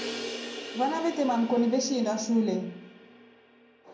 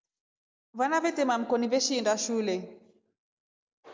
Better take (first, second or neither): second